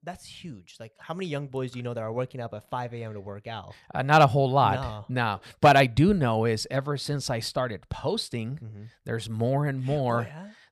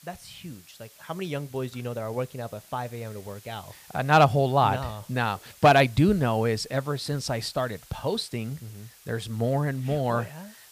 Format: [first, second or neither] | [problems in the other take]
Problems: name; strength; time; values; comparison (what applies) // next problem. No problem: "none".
first | hiss; faint; throughout; 25 dB below the speech